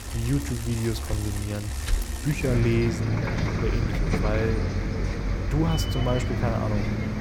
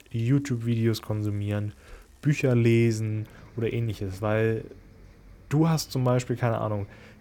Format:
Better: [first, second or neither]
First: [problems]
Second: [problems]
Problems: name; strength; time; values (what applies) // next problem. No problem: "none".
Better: second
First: traffic noise; loud; throughout; as loud as the speech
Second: traffic noise; faint; throughout; 25 dB below the speech